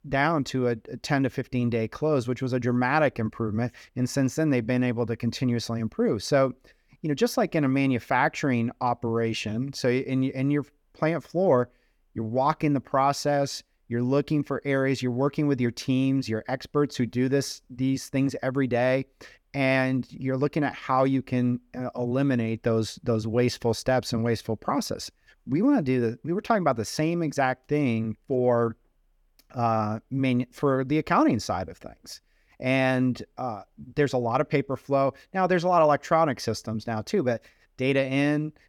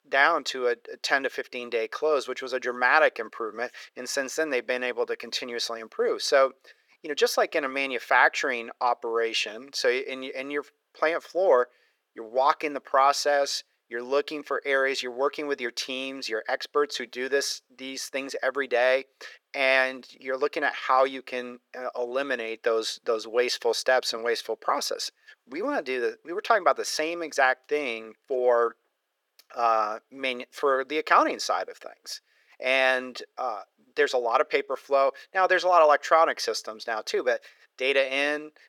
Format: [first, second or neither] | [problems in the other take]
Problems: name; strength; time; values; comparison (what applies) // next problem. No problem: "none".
first | thin; very; fading below 450 Hz